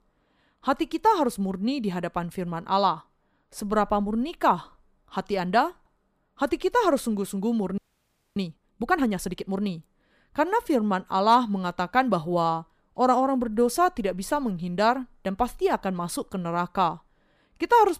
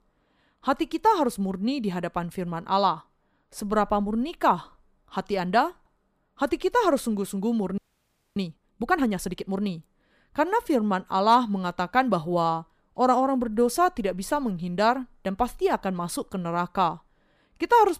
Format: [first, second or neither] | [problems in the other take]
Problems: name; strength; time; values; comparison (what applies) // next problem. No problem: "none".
neither | audio freezing; at 8 s for 0.5 s; the same in both